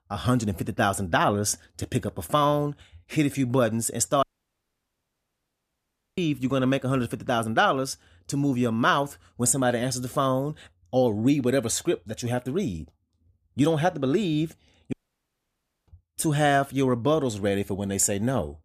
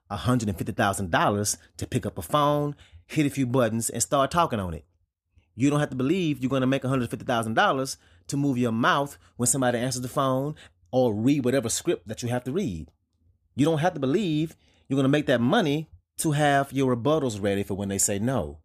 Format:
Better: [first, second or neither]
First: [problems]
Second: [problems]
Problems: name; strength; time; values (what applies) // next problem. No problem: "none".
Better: second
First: audio cutting out; at 4 s for 2 s and at 15 s for 1 s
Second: none